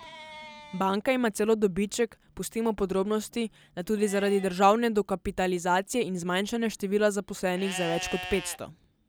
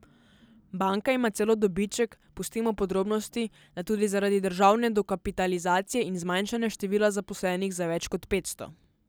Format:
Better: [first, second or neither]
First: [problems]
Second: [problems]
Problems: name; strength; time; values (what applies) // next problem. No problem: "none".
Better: second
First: background sound (Livestock, farm animals, working animals); 17 dB below the speech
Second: none